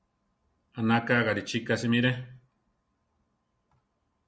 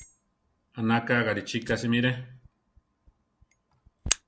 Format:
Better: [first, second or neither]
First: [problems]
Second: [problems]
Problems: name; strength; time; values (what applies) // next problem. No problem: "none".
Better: first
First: none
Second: background sound (Fire); 10 dB below the speech